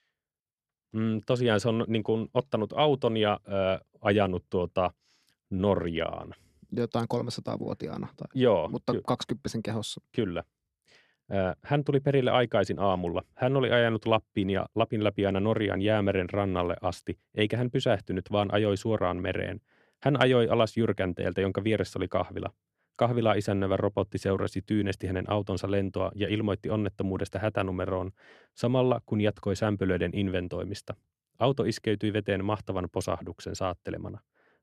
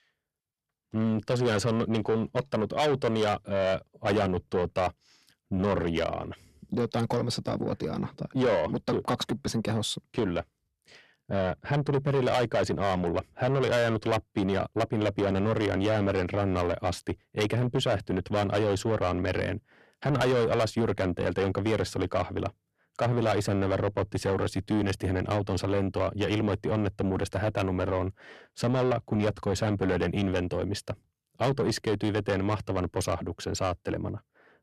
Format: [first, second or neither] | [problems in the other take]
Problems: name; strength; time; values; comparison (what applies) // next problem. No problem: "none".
first | distortion; heavy; 7 dB below the speech